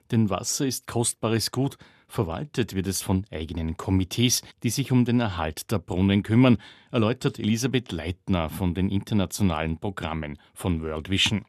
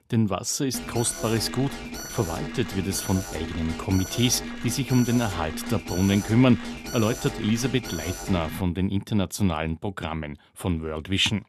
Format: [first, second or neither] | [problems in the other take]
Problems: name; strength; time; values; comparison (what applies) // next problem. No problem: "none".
first | alarm; noticeable; from 0.5 to 8.5 s; peak 8 dB below the speech